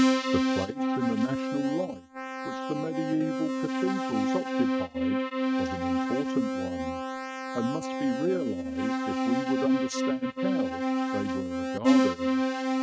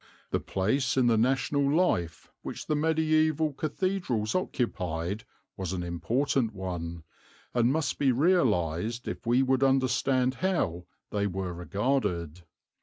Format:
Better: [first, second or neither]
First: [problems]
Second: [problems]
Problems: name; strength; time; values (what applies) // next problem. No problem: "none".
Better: second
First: noise reduction (neural mask model RNNoise)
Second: none